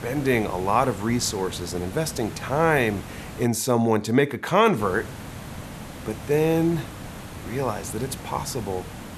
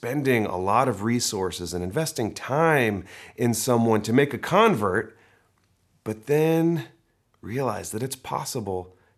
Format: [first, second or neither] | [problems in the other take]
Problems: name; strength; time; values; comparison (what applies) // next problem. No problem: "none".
second | hiss; noticeable; until 3.5 s and from 5 s on; 15 dB below the speech